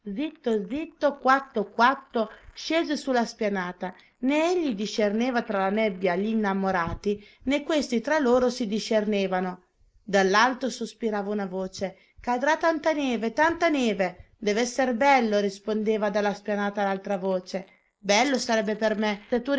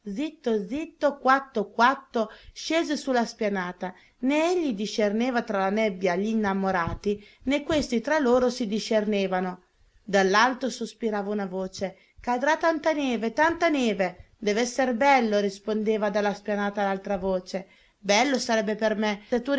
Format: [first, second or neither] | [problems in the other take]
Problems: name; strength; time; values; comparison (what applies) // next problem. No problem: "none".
second | noise reduction (neural mask model Resemble Enhance denoiser)